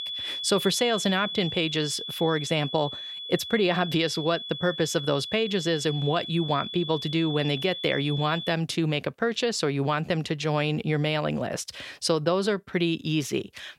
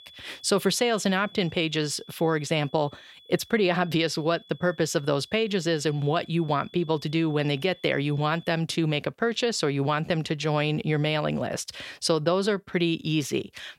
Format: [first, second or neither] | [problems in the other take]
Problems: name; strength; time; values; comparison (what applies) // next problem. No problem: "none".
second | high-pitched whine; loud; until 8.5 s; 3.5 kHz, 7 dB below the speech; faint in the second